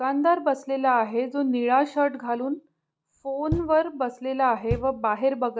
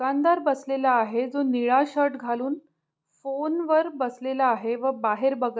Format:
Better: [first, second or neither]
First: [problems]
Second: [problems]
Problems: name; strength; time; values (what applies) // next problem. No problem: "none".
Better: second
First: background sound (Knock); 11 dB below the speech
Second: none